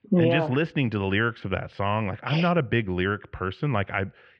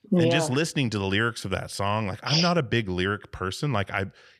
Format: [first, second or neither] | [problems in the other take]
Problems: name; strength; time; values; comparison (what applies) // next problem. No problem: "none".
second | muffled; very; fading above 2.5 kHz